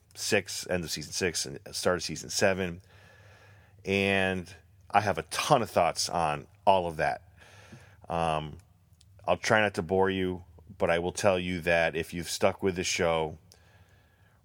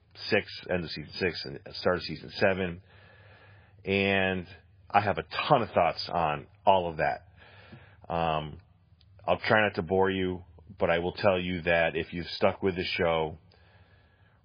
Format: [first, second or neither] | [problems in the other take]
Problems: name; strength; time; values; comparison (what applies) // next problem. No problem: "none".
first | garbled, watery; badly; nothing above 5 kHz